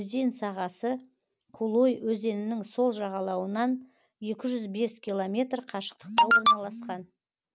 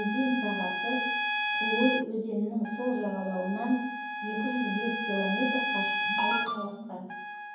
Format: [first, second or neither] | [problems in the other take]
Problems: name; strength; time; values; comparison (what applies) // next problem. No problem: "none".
first | background sound (Trumpet); 1 dB below the speech // room echo; dies away in 1.2 s